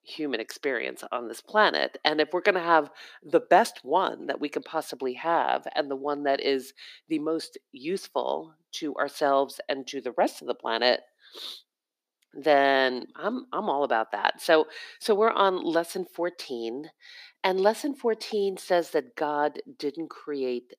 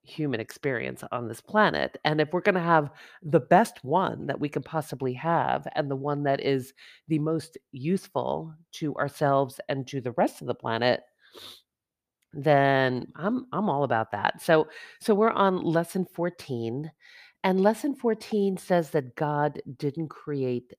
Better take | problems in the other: second | thin; somewhat; fading below 250 Hz

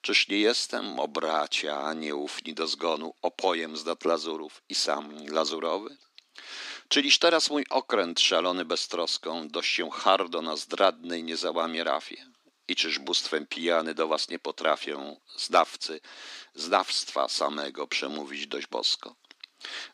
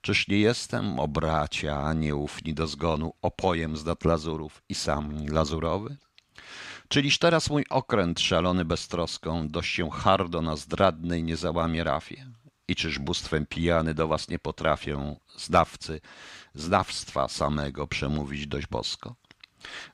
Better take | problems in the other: second | thin; somewhat; fading below 250 Hz

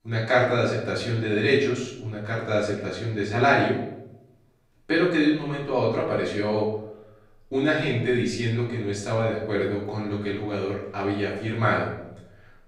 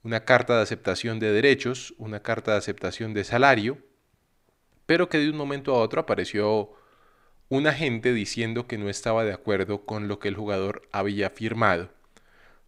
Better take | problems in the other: second | off-mic speech; far // room echo; noticeable; dies away in 0.7 s

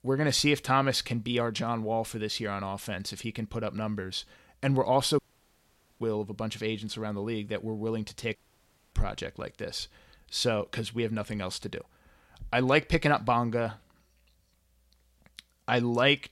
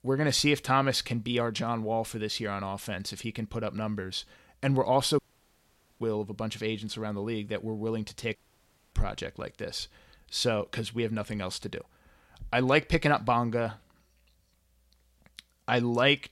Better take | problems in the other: neither | audio cutting out; at 5 s for 1 s and at 8.5 s for 0.5 s; the same in both

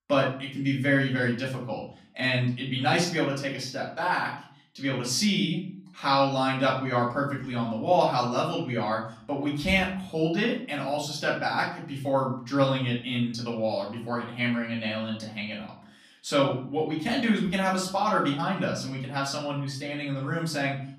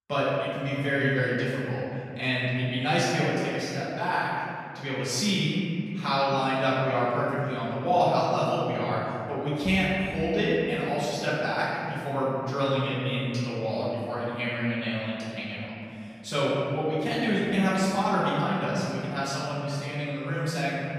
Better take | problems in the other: first | room echo; strong; dies away in 2.8 s; slight in the first // off-mic speech; far; far in the first

